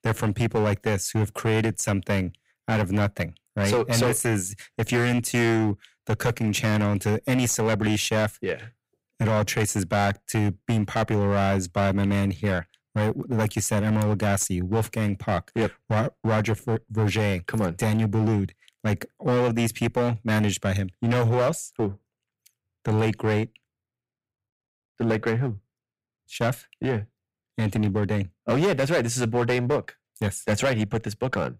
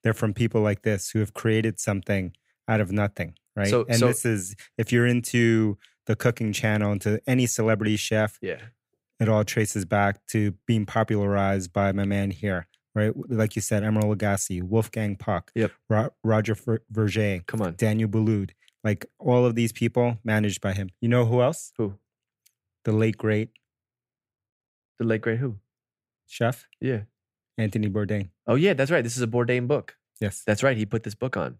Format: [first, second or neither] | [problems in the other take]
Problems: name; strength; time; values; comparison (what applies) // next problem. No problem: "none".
second | distortion; heavy; 10% of the sound clipped